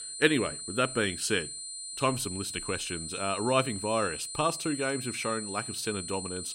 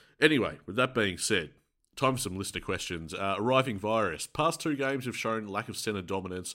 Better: second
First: high-pitched whine; loud; throughout; 9 kHz, 6 dB below the speech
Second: none

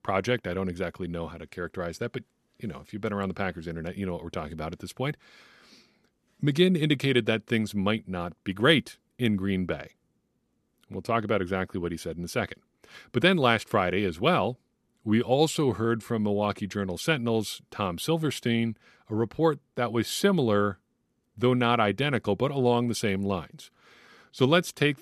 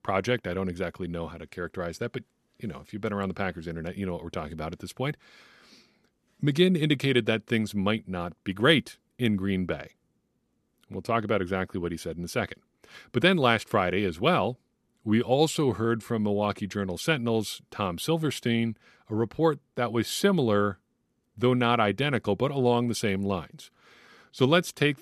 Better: neither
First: none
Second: none

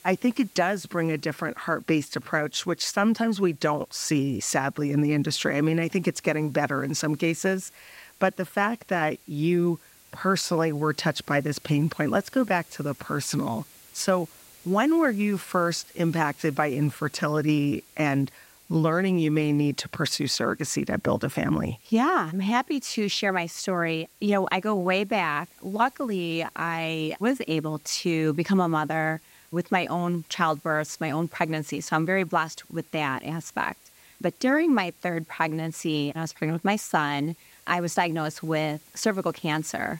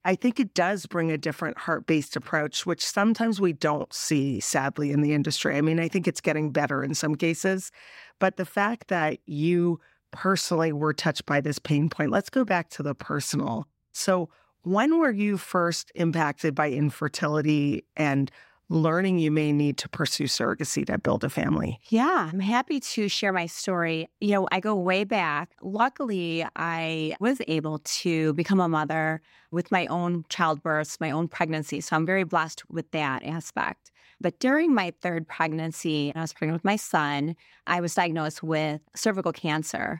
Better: second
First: hiss; faint; throughout; 25 dB below the speech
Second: none

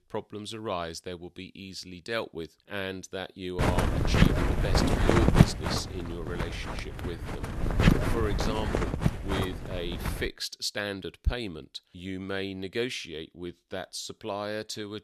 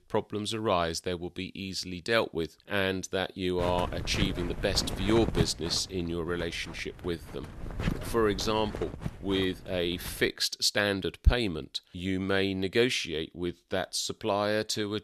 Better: second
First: wind noise on the microphone; heavy; from 3.5 to 10 s; 4 dB above the speech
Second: wind noise on the microphone; occasional gusts; from 3.5 to 10 s; 10 dB below the speech

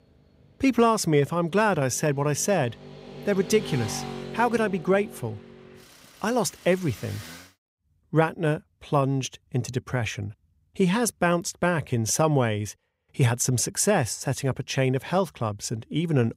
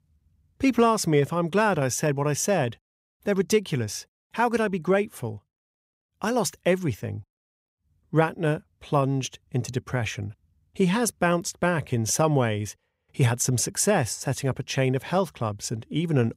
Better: second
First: traffic noise; noticeable; until 7.5 s; 15 dB below the speech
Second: none

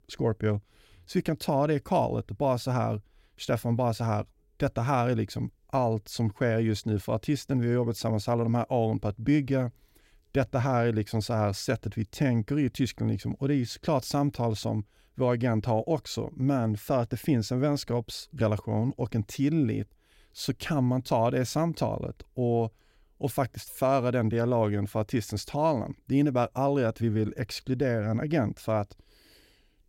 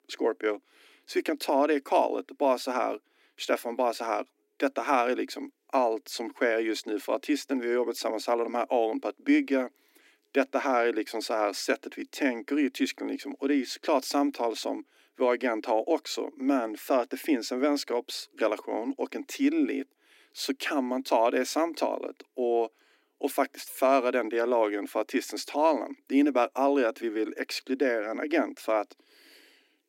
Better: first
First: none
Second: thin; very slightly; fading below 250 Hz

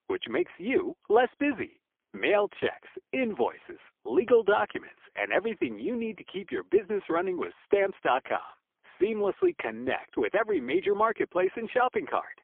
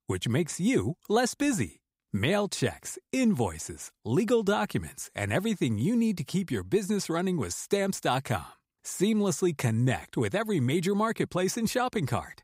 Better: second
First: phone-call audio; poor line; nothing above 3.5 kHz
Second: none

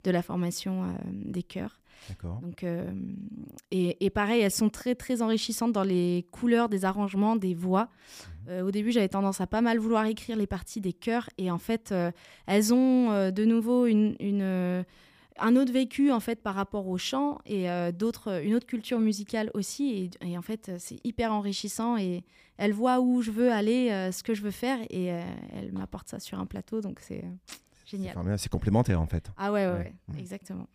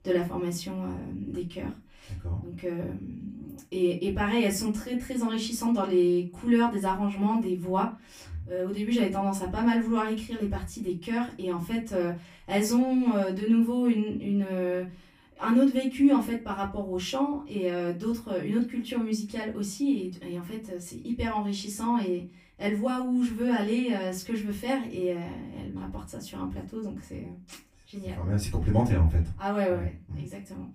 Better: first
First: none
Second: off-mic speech; far // room echo; very slight; dies away in 0.2 s

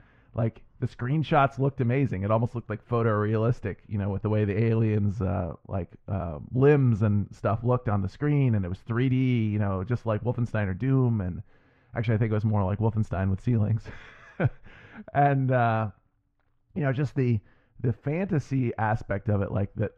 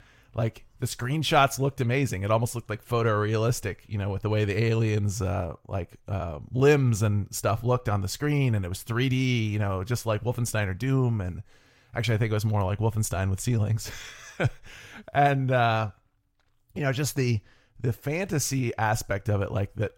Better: second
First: muffled; very; fading above 2 kHz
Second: none

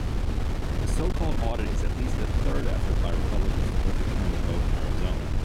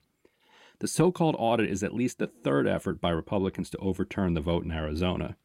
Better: second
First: wind noise on the microphone; heavy; 2 dB above the speech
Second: none

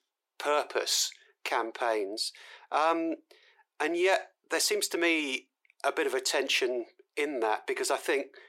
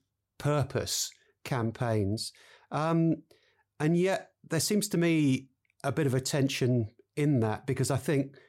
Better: second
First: thin; very; fading below 350 Hz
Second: none

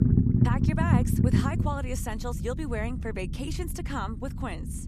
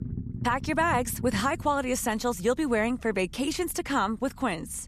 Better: second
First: low rumble; loud; throughout; 1 dB below the speech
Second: low rumble; faint; throughout; 20 dB below the speech

